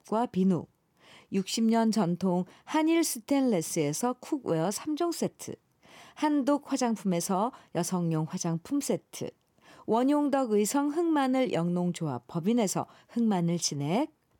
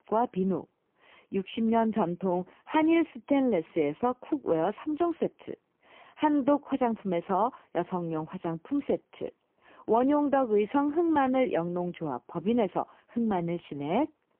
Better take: first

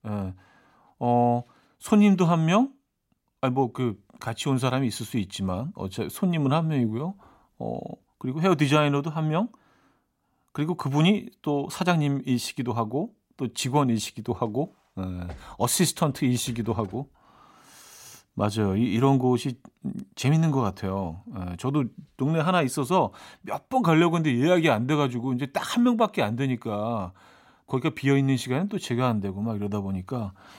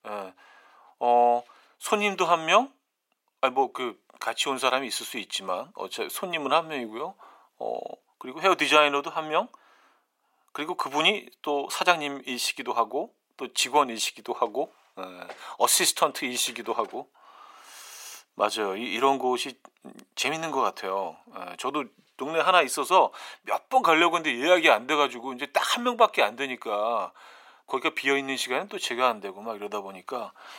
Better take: first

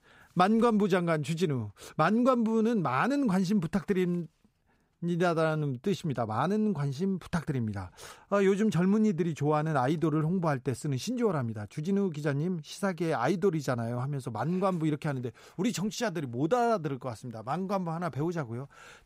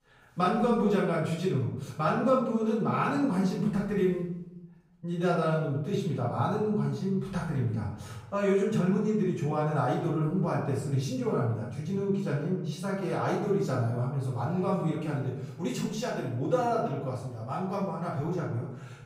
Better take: first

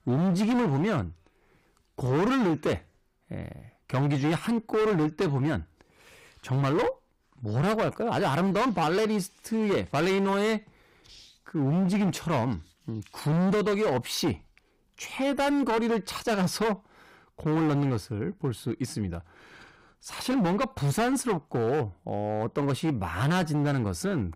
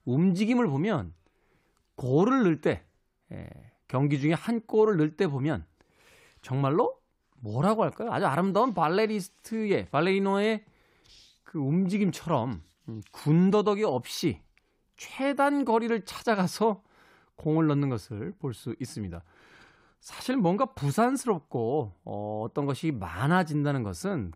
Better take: second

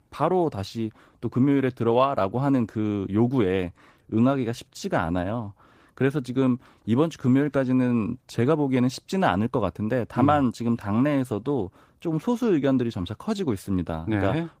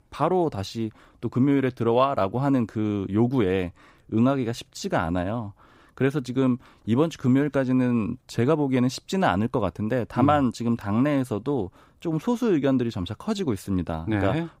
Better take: second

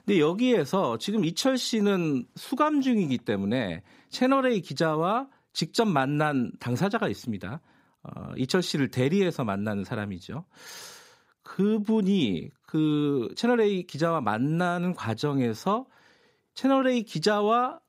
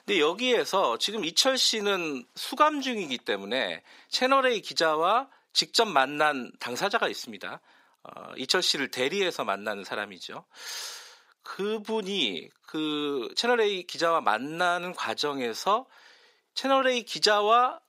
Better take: first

